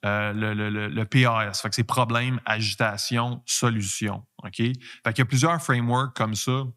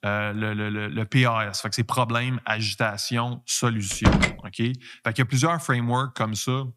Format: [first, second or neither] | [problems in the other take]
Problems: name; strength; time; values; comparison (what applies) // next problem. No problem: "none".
first | door banging; loud; at 4 s; peak 5 dB above the speech